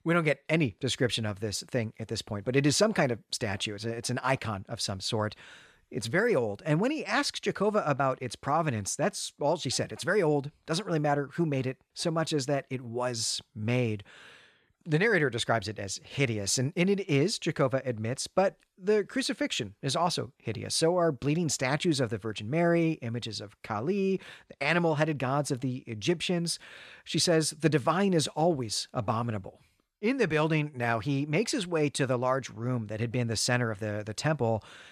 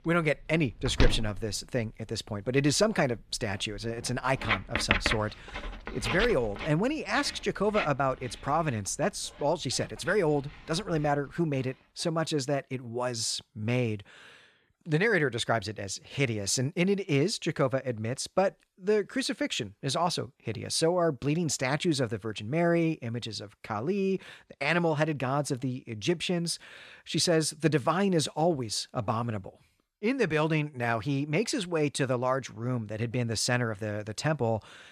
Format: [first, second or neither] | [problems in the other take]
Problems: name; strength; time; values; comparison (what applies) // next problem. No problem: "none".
first | household noises; loud; until 11 s; 4 dB below the speech